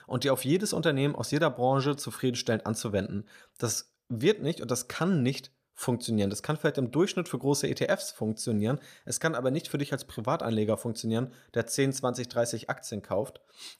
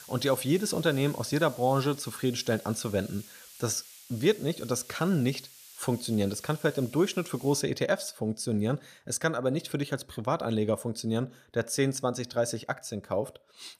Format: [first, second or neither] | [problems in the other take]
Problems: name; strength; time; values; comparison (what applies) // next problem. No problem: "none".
first | hiss; noticeable; until 7.5 s; 20 dB below the speech